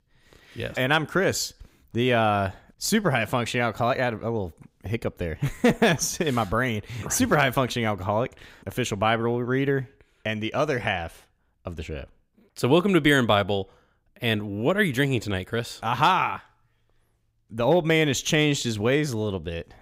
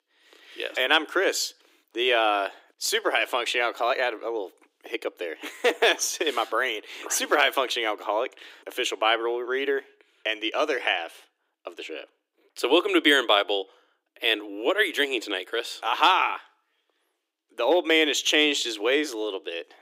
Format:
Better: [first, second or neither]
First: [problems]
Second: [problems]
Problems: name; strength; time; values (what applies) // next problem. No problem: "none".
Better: first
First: none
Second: thin; very; fading below 300 Hz